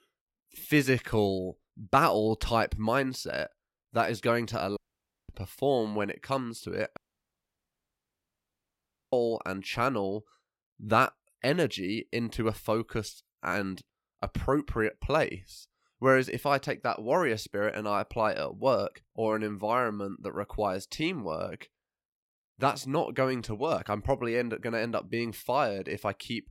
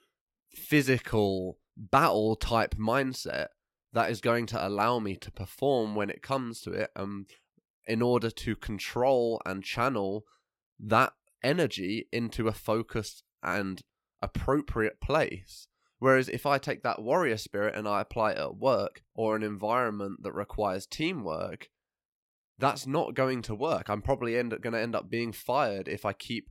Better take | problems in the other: second | audio cutting out; at 5 s for 0.5 s and at 7 s for 2 s

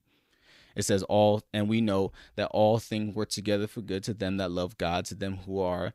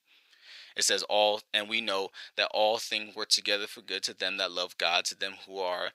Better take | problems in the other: first | thin; very; fading below 650 Hz

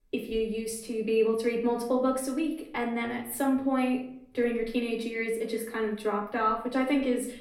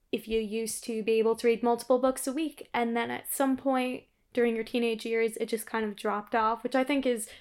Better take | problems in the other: second | room echo; slight; dies away in 0.6 s // off-mic speech; far

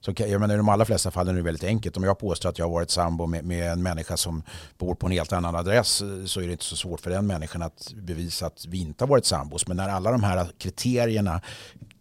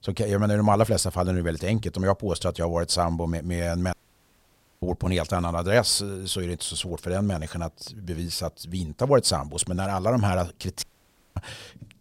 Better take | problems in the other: first | audio cutting out; at 4 s for 1 s and at 11 s for 0.5 s

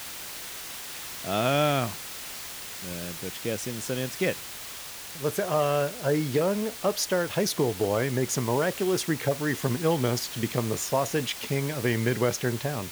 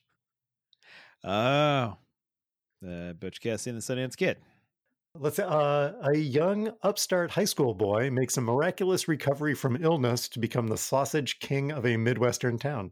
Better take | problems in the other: second | hiss; loud; throughout; 9 dB below the speech

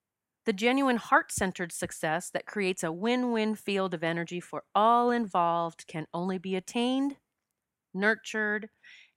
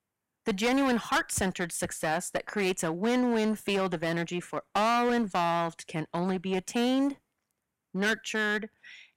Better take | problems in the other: first | distortion; heavy; 13% of the sound clipped

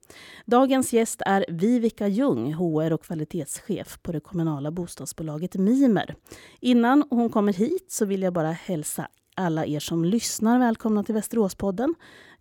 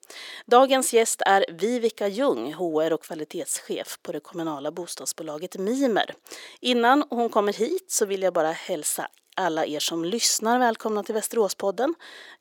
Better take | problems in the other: first | thin; somewhat; fading below 500 Hz

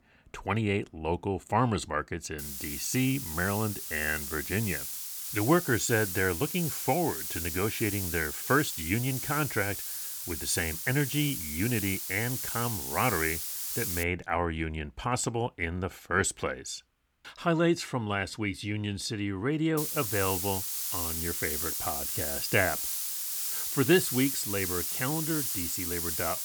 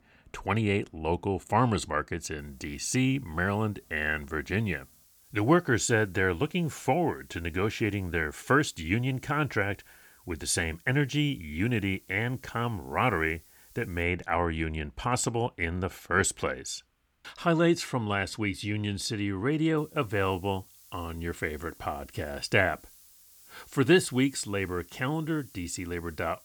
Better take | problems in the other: second | hiss; loud; from 2.5 to 14 s and from 20 s on; 2 dB below the speech; faint in the second

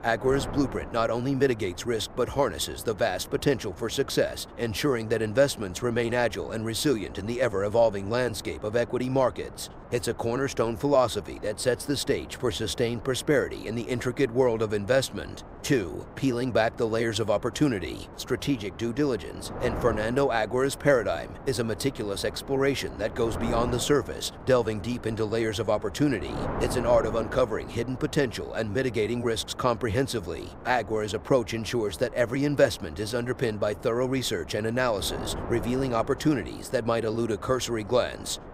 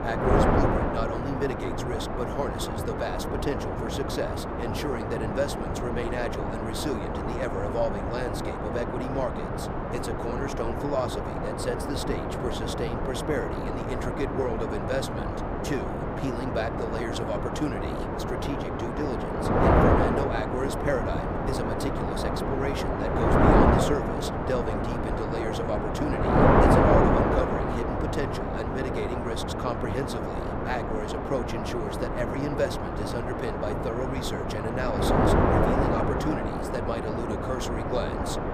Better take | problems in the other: first | wind noise on the microphone; heavy; 5 dB above the speech; occasional gusts in the first

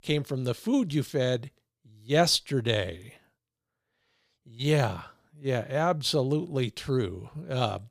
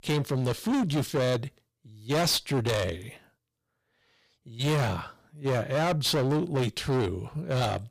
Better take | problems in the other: first | distortion; heavy; 17% of the sound clipped

